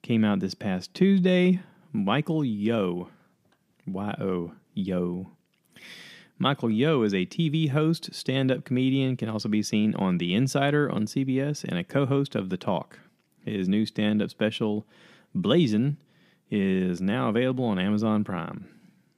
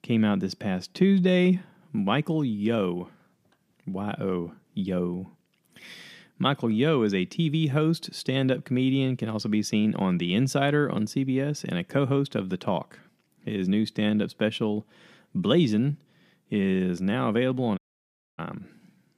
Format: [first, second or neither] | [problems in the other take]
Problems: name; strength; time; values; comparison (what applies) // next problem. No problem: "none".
first | audio cutting out; at 18 s for 0.5 s